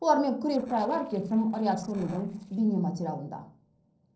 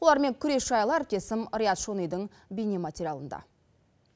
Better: second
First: noise reduction (neural separator model SepFormer DNS4)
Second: none

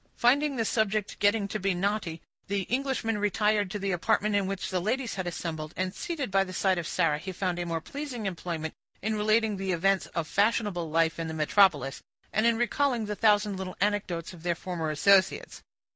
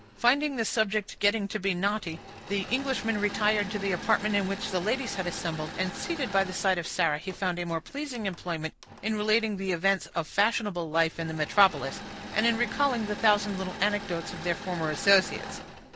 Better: first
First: none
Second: background sound (Engine / Mechanisms); 12 dB below the speech

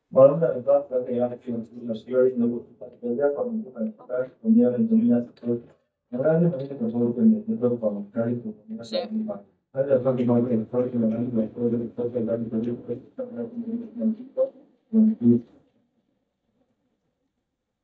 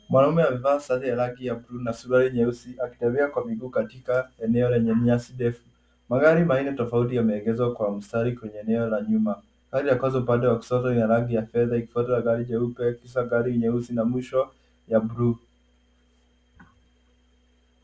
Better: second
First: noise reduction (neural mask model DeepFilterNet 3)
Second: none

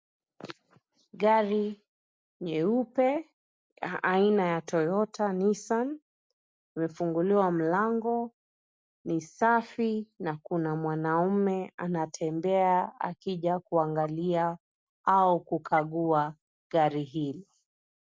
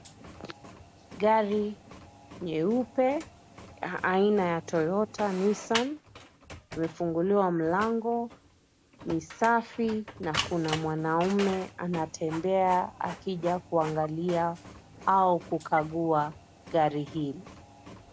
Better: first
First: none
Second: background sound (Printer); 14 dB below the speech

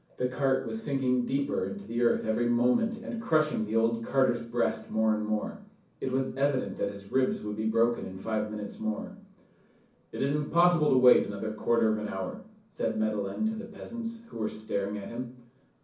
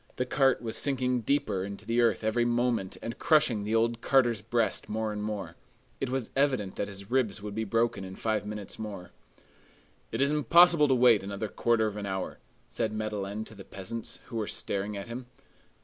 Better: second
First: room echo; dies away in 0.6 s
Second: none

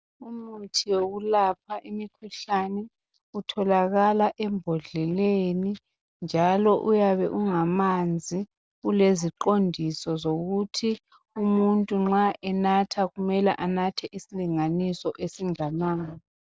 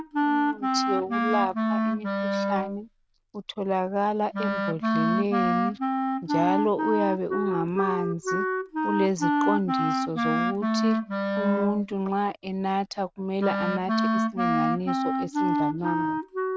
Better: first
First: none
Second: background sound (Wind instrument, woodwind instrument); 2 dB above the speech

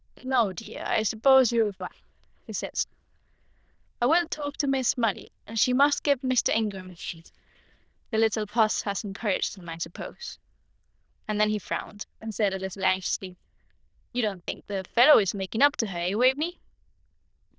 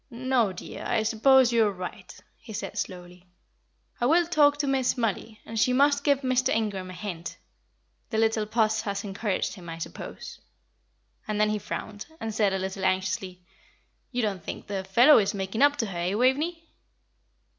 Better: second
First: noise reduction (neural diffusion model UNIVERSE++)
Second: none

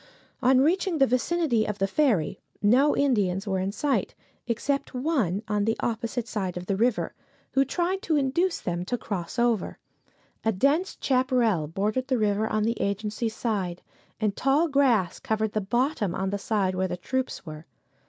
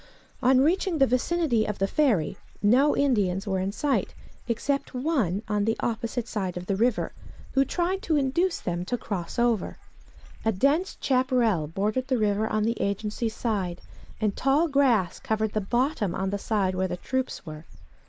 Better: first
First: none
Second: background sound (Bird / Dog); 15 dB below the speech

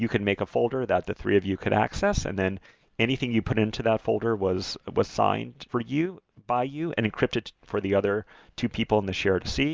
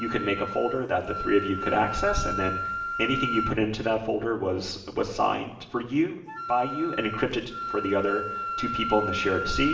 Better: first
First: none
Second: background sound (Wind instrument, woodwind instrument); 6 dB below the speech // room echo; dies away in 0.9 s

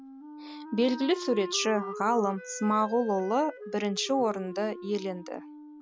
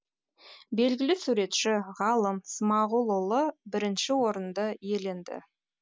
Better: second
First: background sound (Wind instrument, woodwind instrument); 12 dB below the speech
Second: none

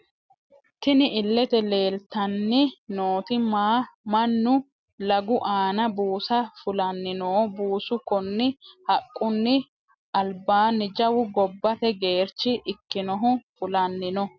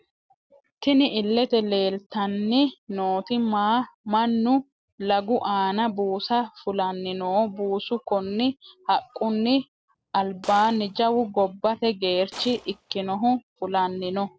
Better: first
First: none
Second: noise reduction (neural separator model SepFormer DNS4)

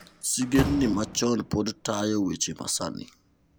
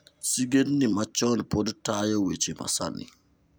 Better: second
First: background sound (Slam); 10 dB below the speech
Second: none

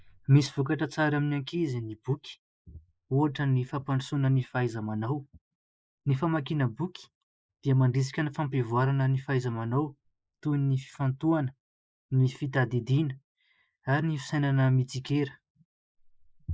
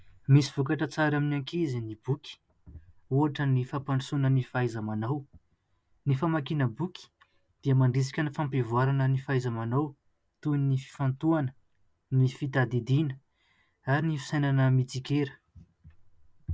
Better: second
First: noise reduction (neural mask model Resemble Enhance denoiser)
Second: none

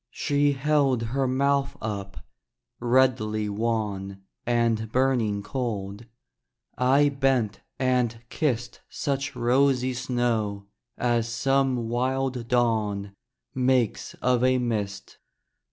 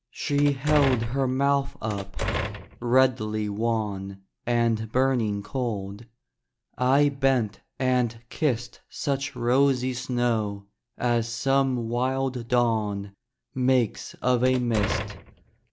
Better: first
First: none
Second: background sound (Door); 7 dB below the speech

